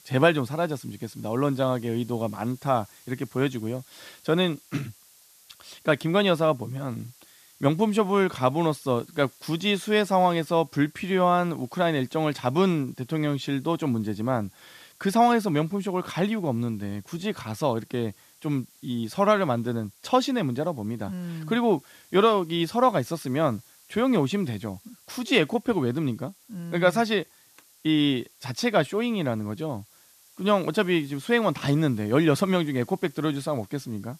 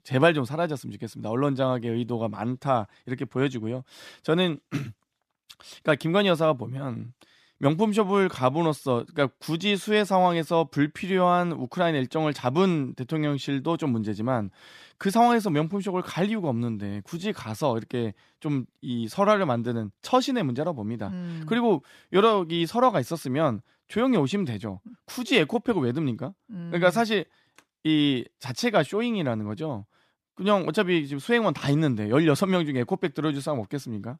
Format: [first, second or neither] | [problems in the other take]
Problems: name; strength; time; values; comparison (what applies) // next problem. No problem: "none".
second | hiss; faint; throughout; 25 dB below the speech